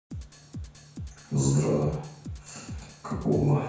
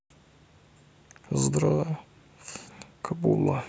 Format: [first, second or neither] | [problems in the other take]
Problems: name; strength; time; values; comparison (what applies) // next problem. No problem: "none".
second | background sound (Drum kit); 12 dB below the speech // room echo; dies away in 0.5 s